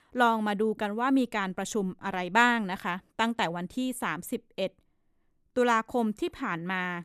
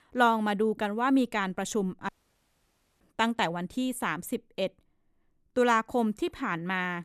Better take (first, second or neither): first